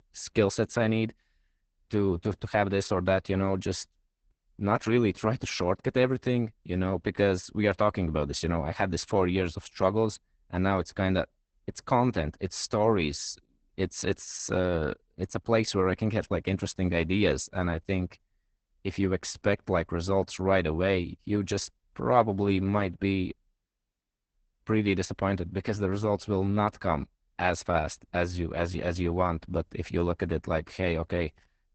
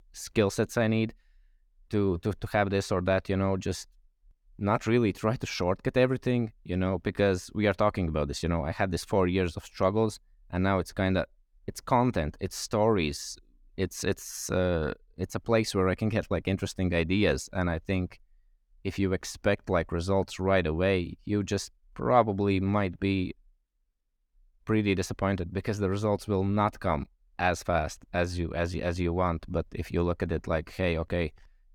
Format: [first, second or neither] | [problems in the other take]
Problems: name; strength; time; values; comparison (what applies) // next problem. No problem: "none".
second | garbled, watery; badly; nothing above 8 kHz